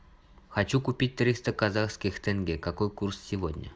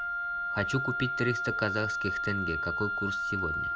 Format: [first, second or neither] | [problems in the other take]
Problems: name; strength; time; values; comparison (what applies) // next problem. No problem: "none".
first | background sound (Wind instrument, woodwind instrument); 2 dB above the speech